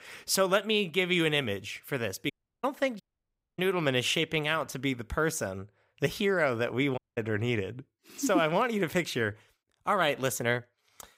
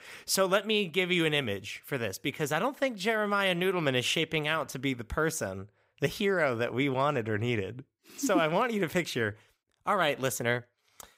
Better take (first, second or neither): second